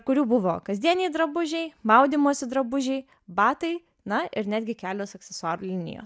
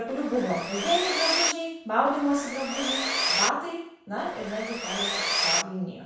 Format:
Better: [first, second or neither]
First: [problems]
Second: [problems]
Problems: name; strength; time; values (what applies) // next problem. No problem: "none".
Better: first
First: none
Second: background sound (Sawing); 1 dB above the speech // room echo; dies away in 0.7 s